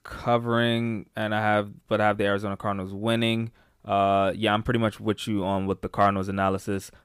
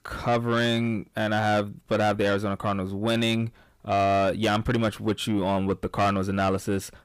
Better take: first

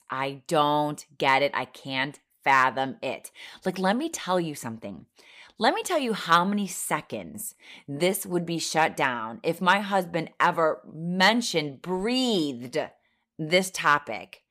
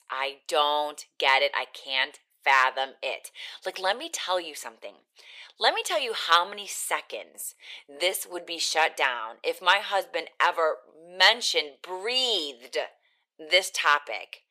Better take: first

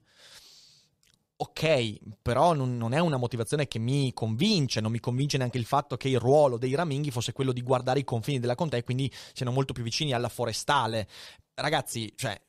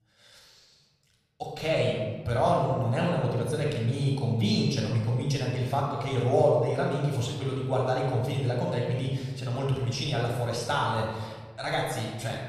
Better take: first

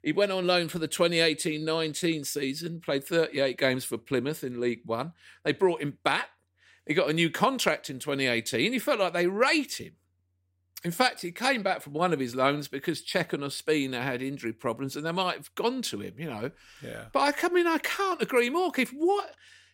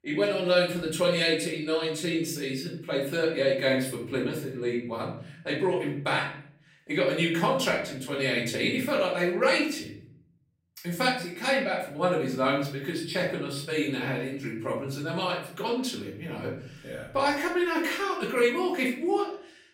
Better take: first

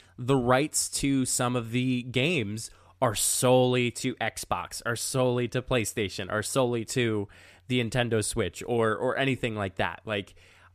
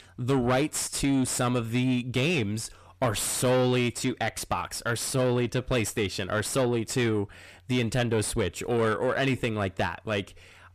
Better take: first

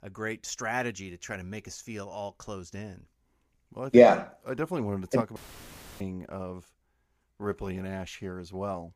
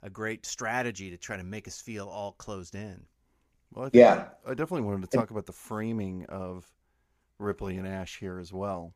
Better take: second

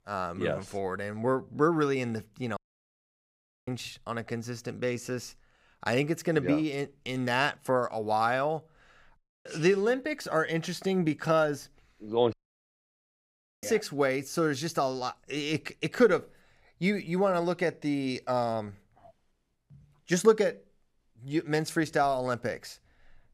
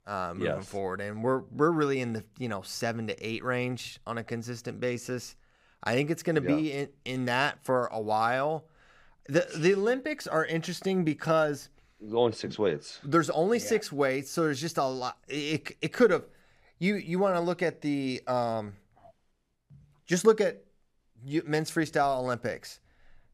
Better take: second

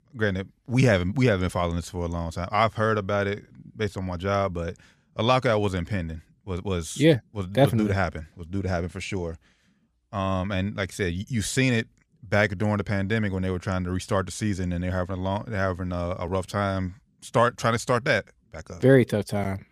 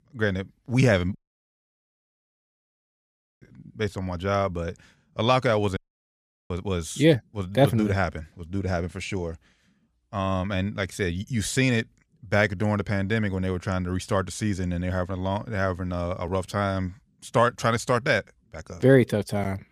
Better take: first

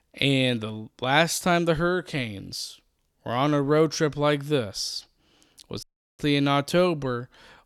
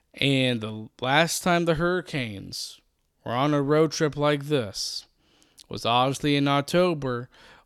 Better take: second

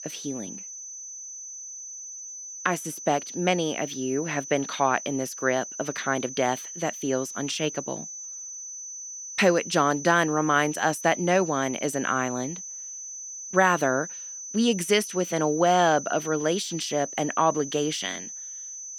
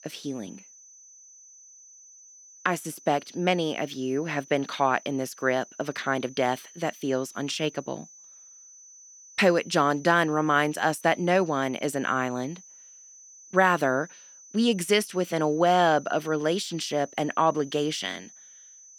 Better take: second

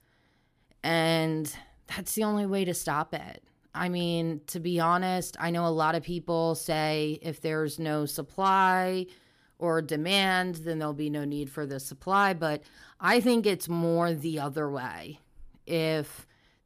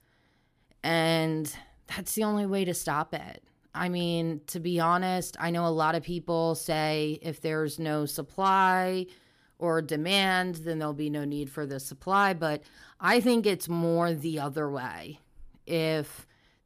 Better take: neither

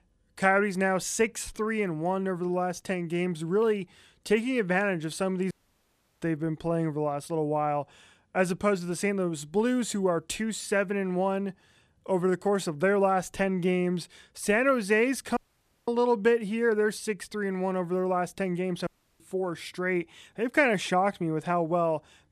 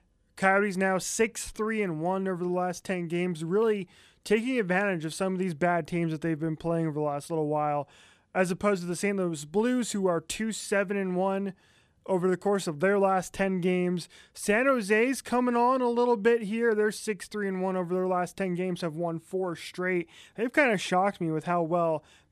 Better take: second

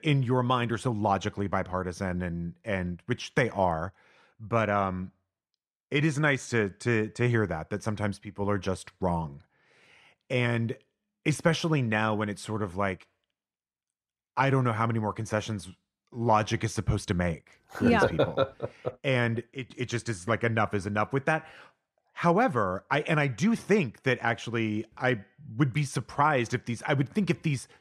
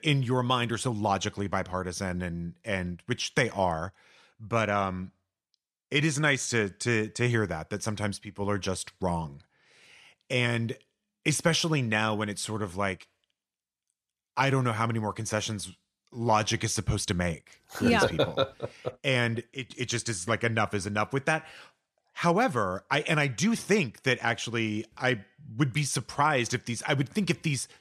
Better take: second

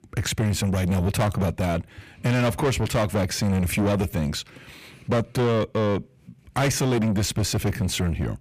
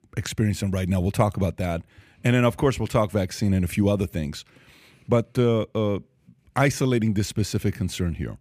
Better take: second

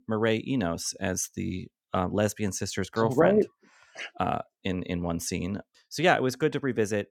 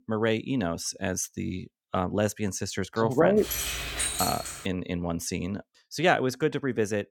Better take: first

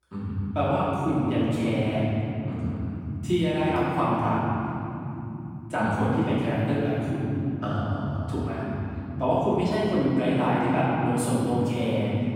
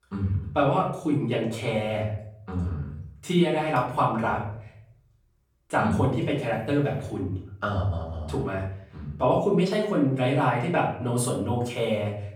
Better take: second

